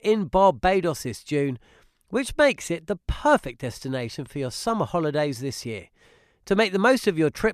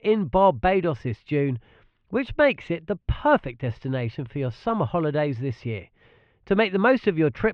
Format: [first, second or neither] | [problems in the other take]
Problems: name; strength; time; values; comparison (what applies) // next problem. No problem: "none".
first | muffled; very; fading above 3 kHz